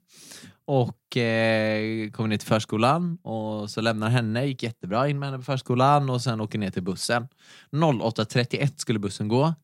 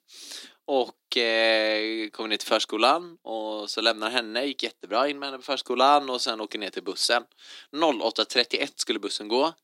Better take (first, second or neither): first